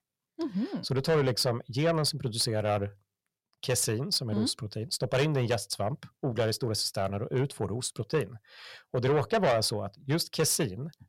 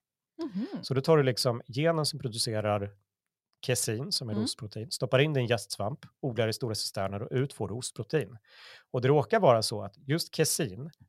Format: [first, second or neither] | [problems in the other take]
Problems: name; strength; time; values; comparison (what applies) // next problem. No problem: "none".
second | distortion; heavy; 8 dB below the speech